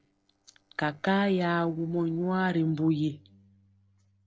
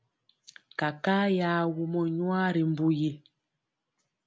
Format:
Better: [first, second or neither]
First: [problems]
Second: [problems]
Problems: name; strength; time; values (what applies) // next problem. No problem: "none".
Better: second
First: noise reduction (neural separator model SepFormer DNS4)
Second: none